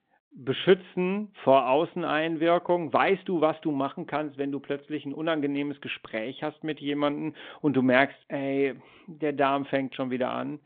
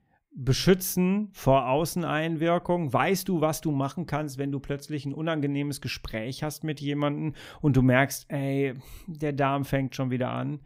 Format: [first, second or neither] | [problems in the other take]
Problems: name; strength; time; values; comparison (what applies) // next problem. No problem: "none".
second | phone-call audio